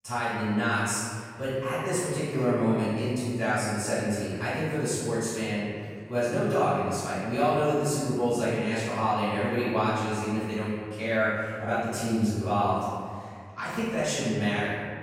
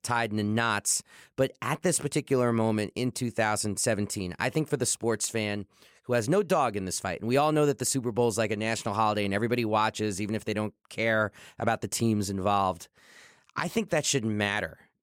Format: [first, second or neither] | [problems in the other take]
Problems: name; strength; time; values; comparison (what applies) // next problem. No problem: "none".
second | off-mic speech; far // room echo; strong; dies away in 2 s